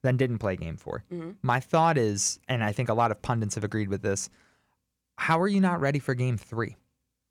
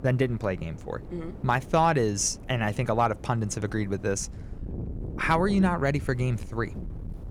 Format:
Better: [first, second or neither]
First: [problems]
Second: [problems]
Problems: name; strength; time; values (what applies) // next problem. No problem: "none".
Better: first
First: none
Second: wind noise on the microphone; occasional gusts; 20 dB below the speech